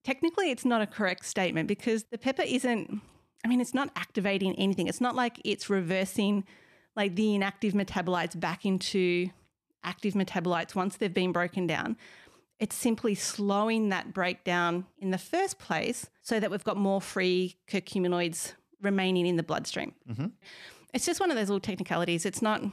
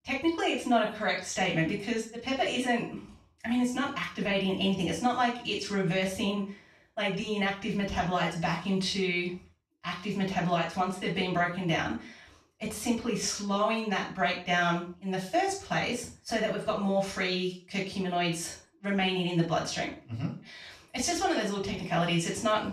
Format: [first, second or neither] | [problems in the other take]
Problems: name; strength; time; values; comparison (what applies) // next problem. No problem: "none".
first | room echo; noticeable; dies away in 0.3 s // off-mic speech; far